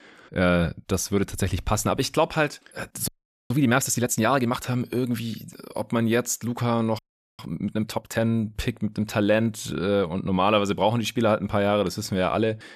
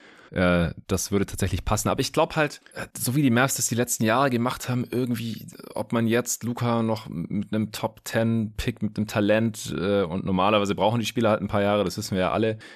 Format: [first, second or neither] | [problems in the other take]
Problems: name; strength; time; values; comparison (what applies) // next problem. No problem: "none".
second | audio freezing; at 3 s and at 7 s